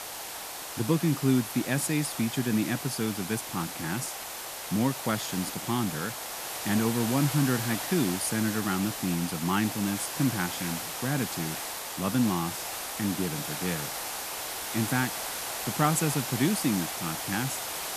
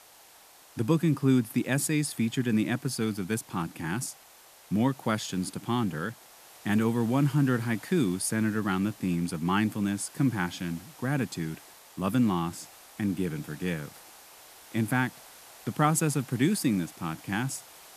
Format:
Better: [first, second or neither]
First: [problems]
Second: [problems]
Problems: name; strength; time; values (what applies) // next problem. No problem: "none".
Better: second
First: hiss; loud; throughout; 4 dB below the speech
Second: hiss; faint; throughout; 20 dB below the speech